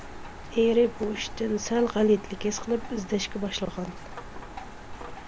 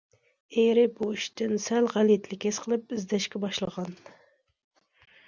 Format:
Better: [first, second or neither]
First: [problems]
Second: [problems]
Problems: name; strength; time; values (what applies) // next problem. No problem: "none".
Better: second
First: background sound (Rain); 11 dB below the speech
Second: none